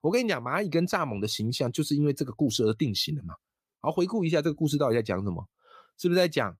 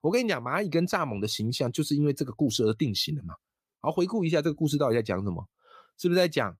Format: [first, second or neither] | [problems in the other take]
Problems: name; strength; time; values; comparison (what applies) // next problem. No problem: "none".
neither | none